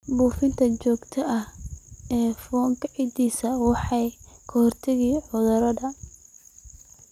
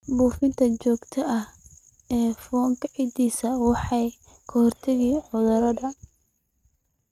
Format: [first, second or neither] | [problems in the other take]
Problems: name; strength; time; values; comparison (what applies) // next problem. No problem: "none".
first | noise reduction (neural mask model RNNoise)